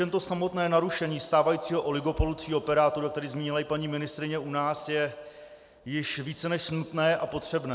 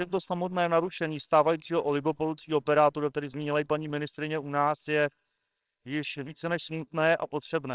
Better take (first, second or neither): first